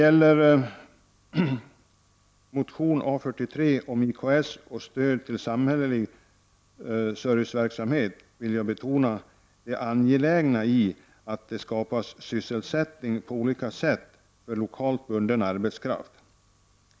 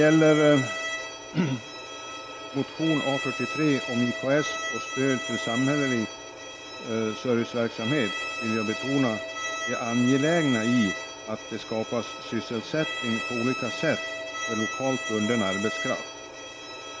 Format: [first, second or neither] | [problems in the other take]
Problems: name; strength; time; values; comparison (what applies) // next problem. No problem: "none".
first | background sound (Bowed string instrument); 6 dB below the speech